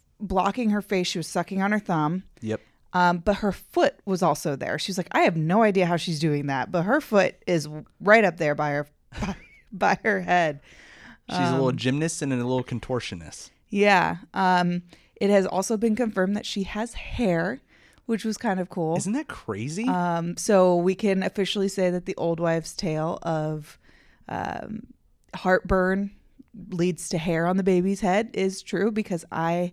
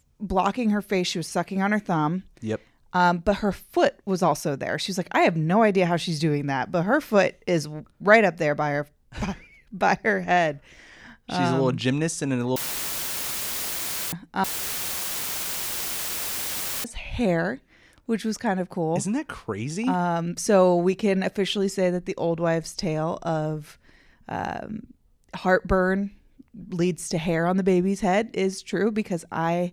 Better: first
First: none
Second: audio cutting out; filled with static; at 13 s for 1.5 s and at 14 s for 2.5 s

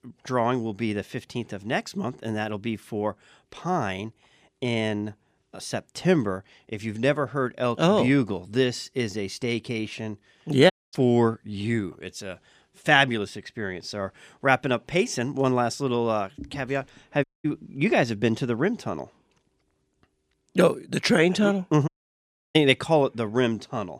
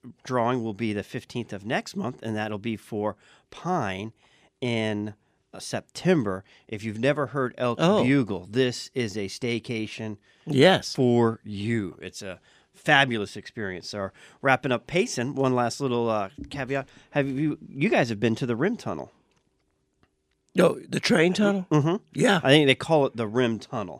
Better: second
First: audio cutting out; at 11 s, at 17 s and at 22 s for 0.5 s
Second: none

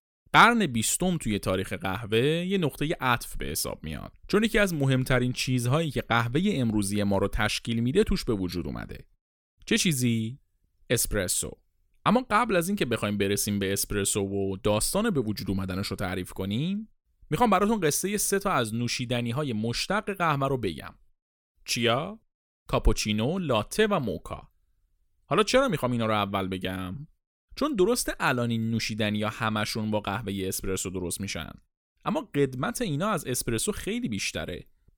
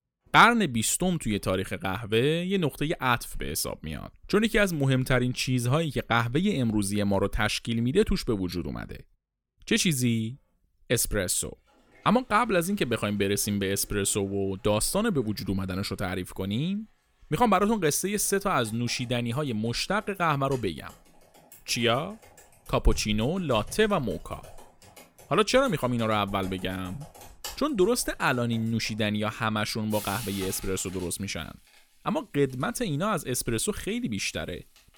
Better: first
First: none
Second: household noises; faint; throughout; 20 dB below the speech

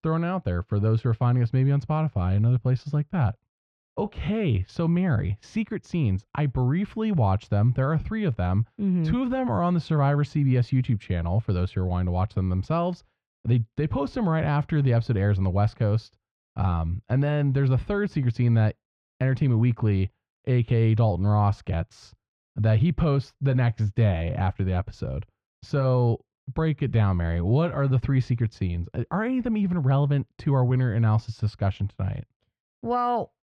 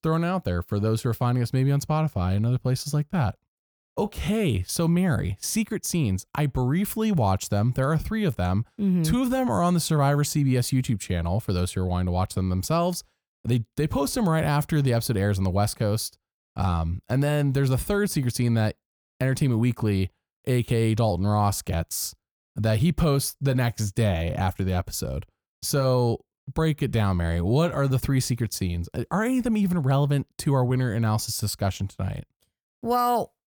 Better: second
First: muffled; slightly; fading above 3 kHz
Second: none

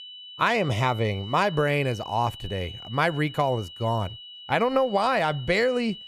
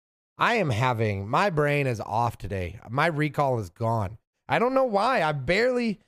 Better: second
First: high-pitched whine; noticeable; throughout; 3 kHz, 15 dB below the speech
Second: none

